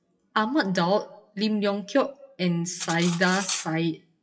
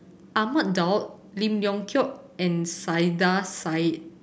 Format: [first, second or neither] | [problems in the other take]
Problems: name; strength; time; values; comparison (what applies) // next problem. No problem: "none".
second | noise reduction (classical method WPE with log-MMSE)